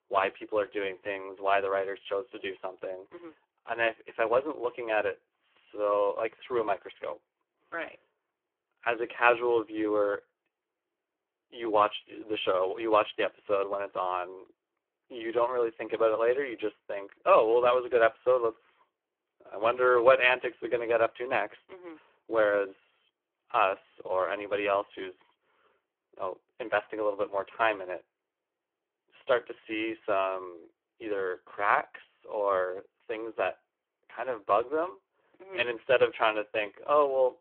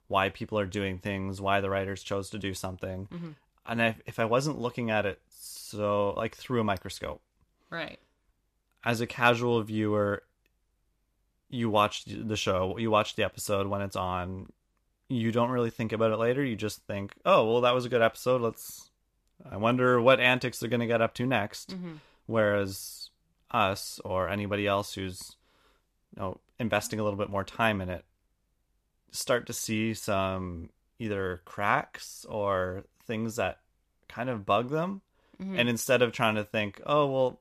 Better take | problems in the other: second | phone-call audio; poor line

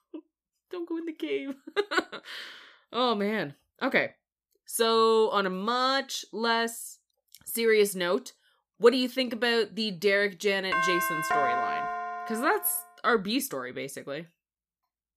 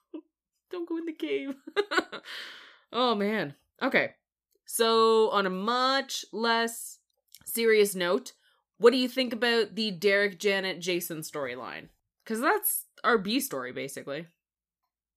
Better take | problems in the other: second | doorbell; loud; from 11 to 13 s; peak 1 dB above the speech

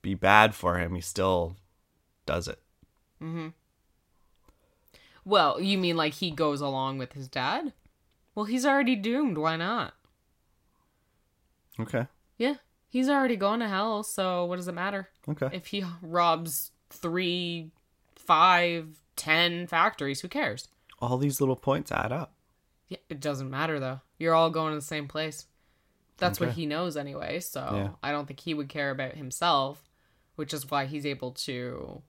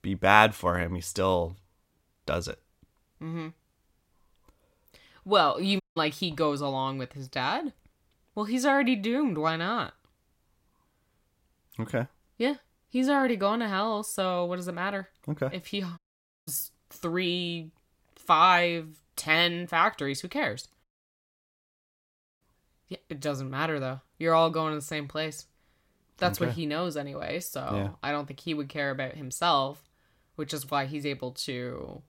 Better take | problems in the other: first | audio cutting out; at 6 s, at 16 s and at 21 s for 1.5 s

